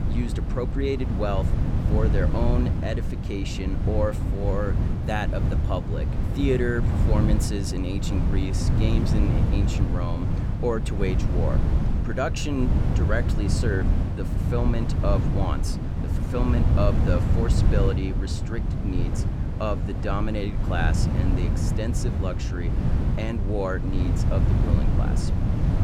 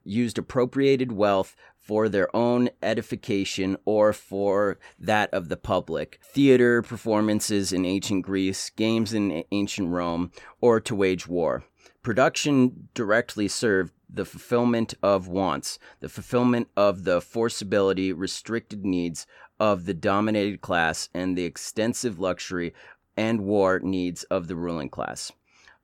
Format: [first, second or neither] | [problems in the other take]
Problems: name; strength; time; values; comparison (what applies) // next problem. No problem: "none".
second | wind noise on the microphone; heavy; 4 dB below the speech